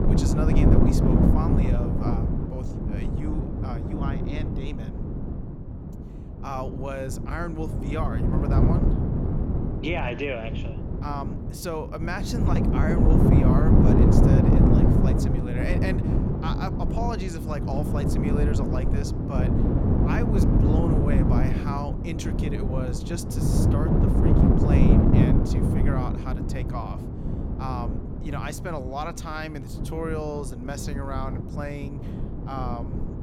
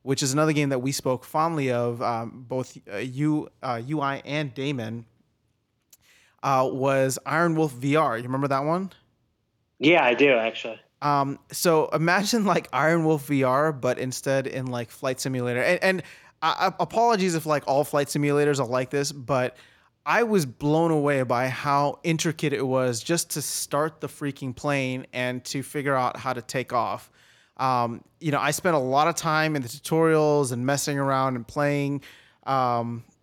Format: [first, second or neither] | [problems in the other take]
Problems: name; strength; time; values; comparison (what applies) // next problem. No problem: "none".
second | wind noise on the microphone; heavy; 3 dB above the speech